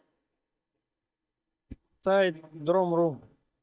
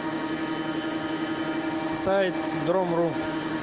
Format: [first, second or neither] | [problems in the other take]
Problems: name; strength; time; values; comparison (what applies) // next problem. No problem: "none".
second | noise reduction (neural mask model DeepFilterNet 3)